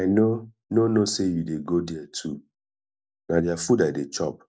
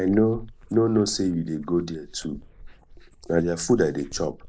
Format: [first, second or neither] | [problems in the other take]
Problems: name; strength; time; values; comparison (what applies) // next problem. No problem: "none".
first | noise reduction (neural mask model Resemble Enhance denoiser)